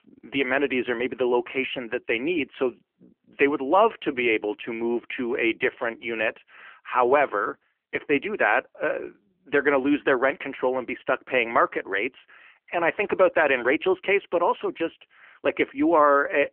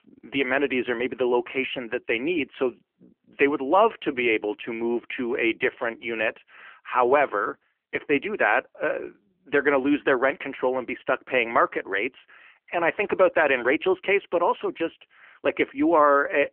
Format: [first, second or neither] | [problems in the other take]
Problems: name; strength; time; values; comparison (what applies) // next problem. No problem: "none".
neither | phone-call audio; nothing above 3 kHz; the same in both